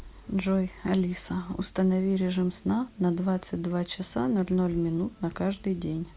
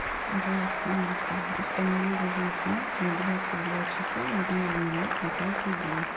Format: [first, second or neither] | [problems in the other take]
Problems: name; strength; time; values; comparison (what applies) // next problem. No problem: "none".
first | background sound (Applause); as loud as the speech // room echo; dies away in 0.7 s